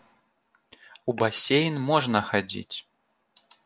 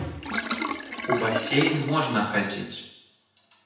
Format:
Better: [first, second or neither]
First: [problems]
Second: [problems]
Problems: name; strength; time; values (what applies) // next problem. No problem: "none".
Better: first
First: none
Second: background sound (Sink (filling or washing)); 4 dB below the speech // room echo; dies away in 0.9 s